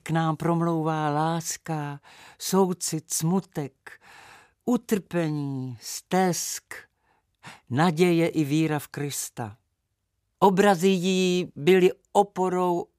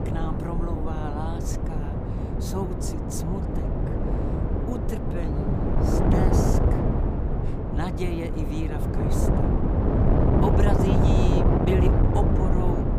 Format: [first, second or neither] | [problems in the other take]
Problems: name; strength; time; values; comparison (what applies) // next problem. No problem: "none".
first | wind noise on the microphone; heavy; 4 dB above the speech